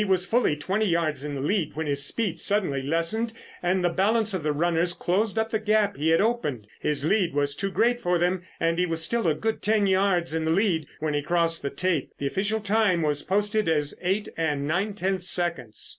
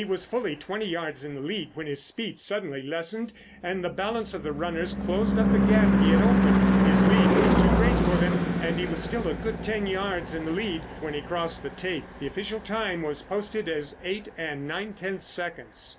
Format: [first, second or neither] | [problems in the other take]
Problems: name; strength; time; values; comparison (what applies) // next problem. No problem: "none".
first | background sound (Car passing by / Engine / Truck); 4 dB above the speech